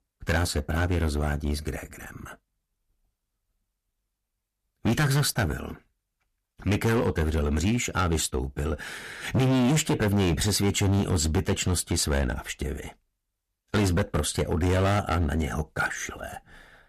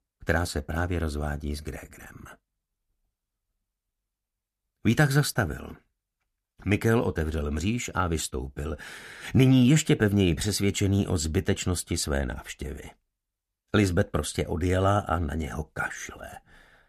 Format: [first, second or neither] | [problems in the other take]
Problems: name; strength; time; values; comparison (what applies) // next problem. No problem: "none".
second | distortion; heavy; 10% of the sound clipped